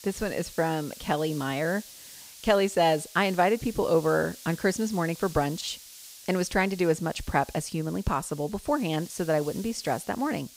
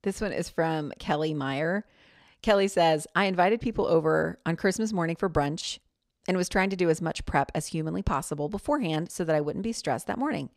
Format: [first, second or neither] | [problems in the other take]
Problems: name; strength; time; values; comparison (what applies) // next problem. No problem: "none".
second | hiss; noticeable; throughout; 15 dB below the speech